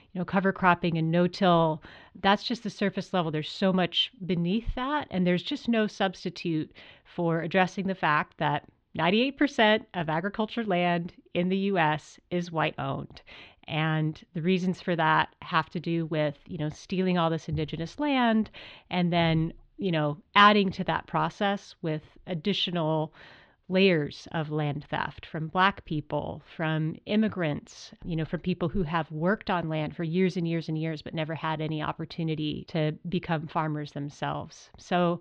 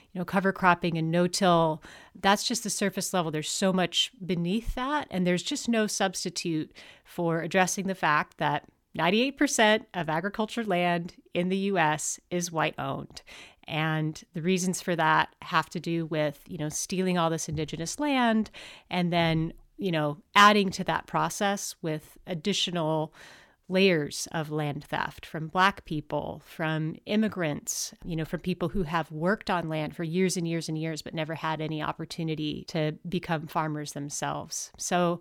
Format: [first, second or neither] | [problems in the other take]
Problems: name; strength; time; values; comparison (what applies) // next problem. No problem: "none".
second | muffled; slightly; fading above 3.5 kHz